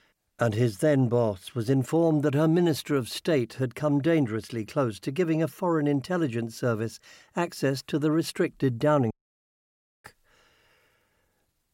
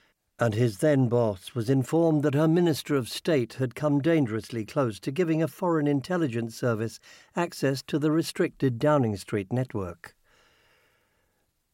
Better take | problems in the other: second | audio cutting out; at 9 s for 1 s

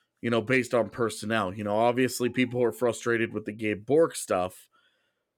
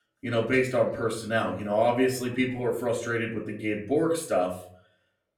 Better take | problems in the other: first | off-mic speech; far // room echo; very slight; dies away in 0.4 s

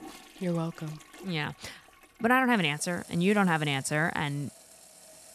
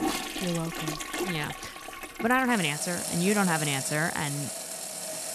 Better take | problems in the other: first | household noises; loud; throughout; 5 dB below the speech; faint in the first

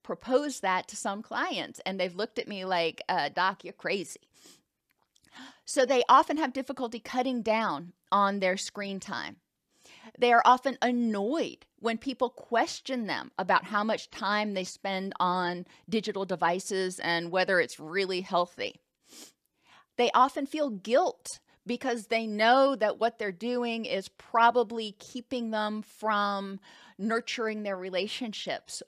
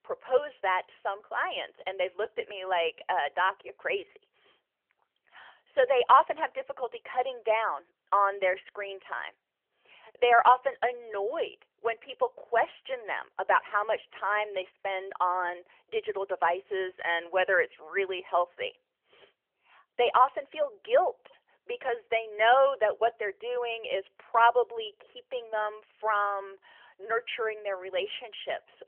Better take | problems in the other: first | phone-call audio; nothing above 3 kHz

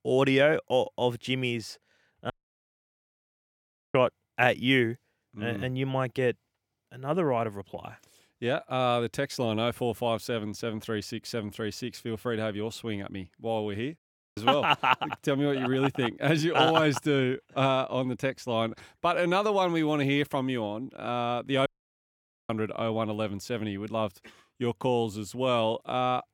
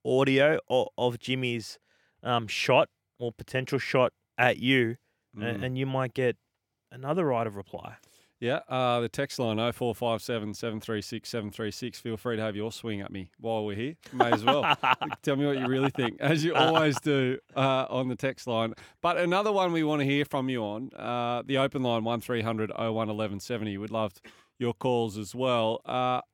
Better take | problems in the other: second | audio cutting out; at 2.5 s for 1.5 s, at 14 s and at 22 s for 1 s

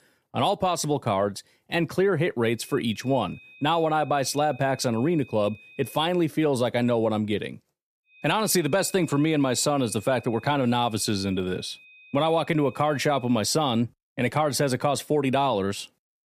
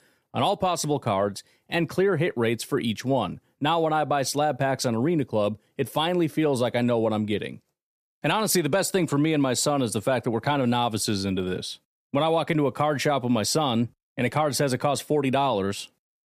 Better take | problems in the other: second | high-pitched whine; faint; from 2.5 to 6 s and from 8 to 13 s; 2.5 kHz, 25 dB below the speech

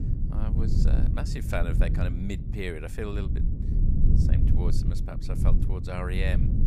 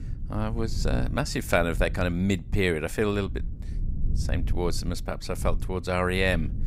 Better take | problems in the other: second | low rumble; loud; throughout; 4 dB below the speech; faint in the second

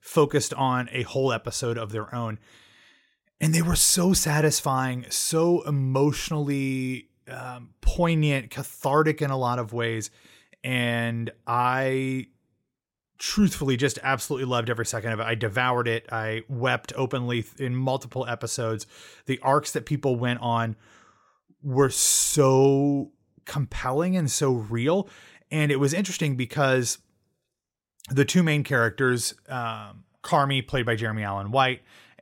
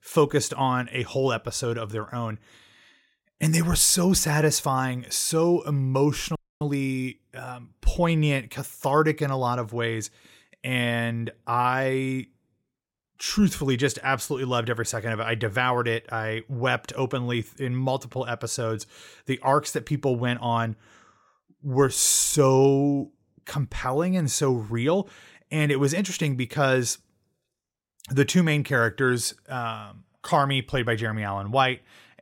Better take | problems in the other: first | audio freezing; at 6.5 s

